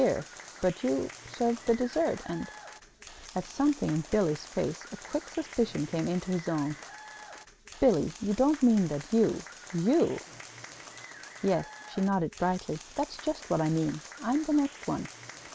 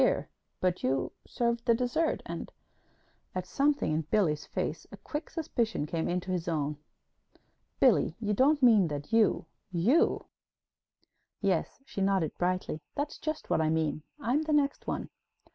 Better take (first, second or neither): second